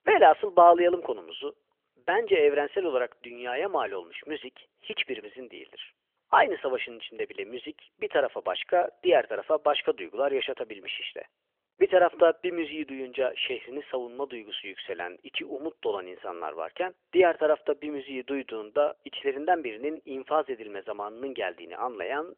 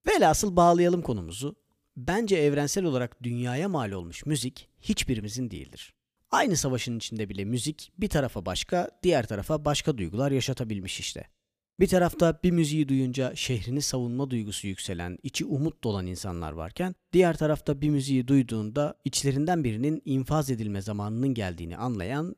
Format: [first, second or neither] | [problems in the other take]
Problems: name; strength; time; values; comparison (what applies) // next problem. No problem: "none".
second | phone-call audio; nothing above 3.5 kHz